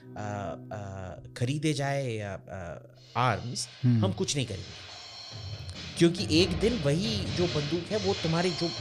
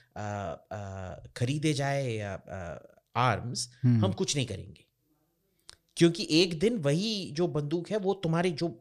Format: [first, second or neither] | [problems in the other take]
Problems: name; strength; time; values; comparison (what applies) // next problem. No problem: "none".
second | background music; loud; throughout; 8 dB below the speech